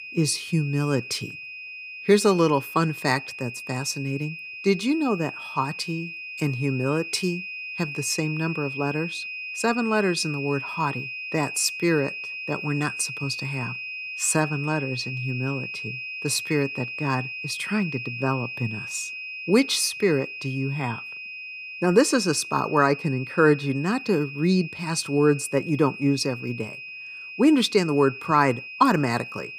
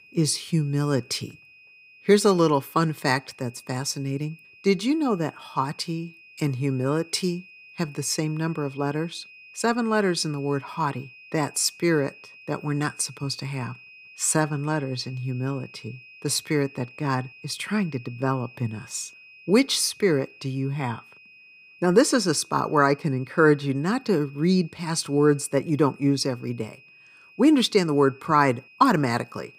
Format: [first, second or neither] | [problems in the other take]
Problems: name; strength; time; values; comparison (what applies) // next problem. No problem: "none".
second | high-pitched whine; loud; throughout; 2.5 kHz, 9 dB below the speech; faint in the second